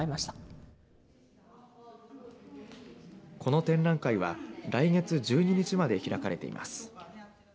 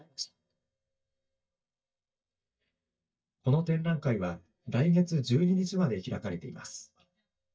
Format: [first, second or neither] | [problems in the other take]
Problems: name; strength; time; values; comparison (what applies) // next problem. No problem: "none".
first | noise reduction (neural mask model DeepFilterNet 3)